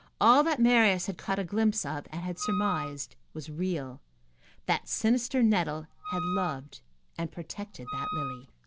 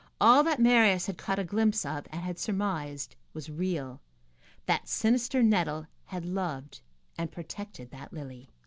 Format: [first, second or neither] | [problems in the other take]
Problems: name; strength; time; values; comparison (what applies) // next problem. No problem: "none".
second | background sound (Wind instrument, woodwind instrument); 7 dB below the speech